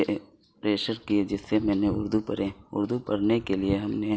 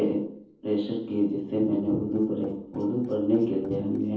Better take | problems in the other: first | noise reduction (neural separator model SepFormer DNS4)

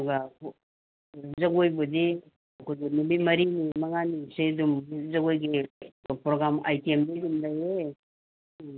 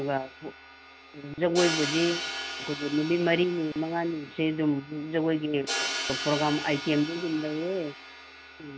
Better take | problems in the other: first | background sound (Crash cymbal); 8 dB below the speech

